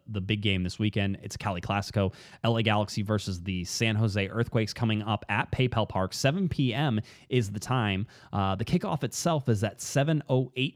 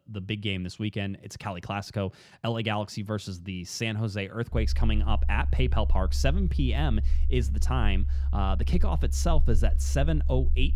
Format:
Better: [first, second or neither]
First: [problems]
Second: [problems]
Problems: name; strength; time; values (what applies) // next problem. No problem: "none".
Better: first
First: none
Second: low rumble; noticeable; from 4.5 s on; 15 dB below the speech